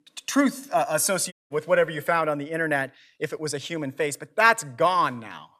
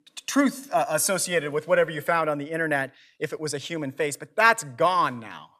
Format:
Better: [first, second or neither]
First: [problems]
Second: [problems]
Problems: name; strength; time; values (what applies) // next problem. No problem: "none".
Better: second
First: audio cutting out; at 1.5 s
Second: none